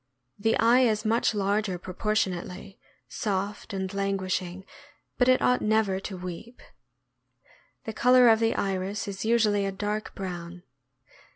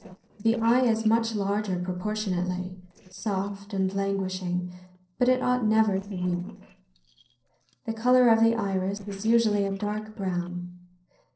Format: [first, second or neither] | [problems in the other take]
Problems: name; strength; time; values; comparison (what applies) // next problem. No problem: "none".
first | noise reduction (neural separator model SepFormer DNS4)